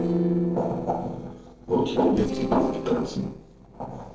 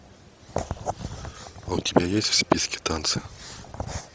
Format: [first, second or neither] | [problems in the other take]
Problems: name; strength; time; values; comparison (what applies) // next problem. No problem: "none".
second | noise reduction (neural separator model SepFormer DNS4)